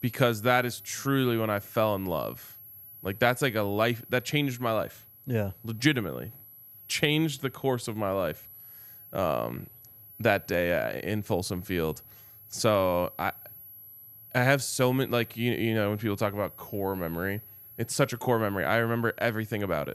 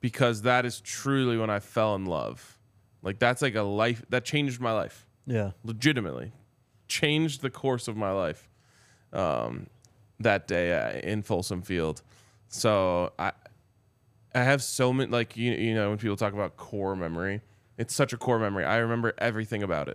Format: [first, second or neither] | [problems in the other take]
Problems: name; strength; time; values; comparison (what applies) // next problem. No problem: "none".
second | high-pitched whine; noticeable; throughout; 11.5 kHz, 20 dB below the speech